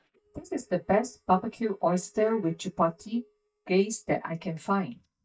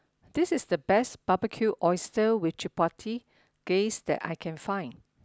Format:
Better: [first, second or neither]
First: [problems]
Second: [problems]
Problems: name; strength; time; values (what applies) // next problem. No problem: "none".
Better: second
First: noise reduction (neural mask model DeepFilterNet 3)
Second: none